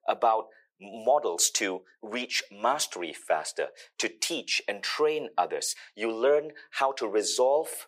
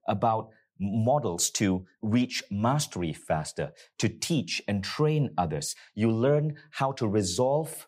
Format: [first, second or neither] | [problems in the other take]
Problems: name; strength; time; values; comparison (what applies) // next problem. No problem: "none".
second | thin; very; fading below 400 Hz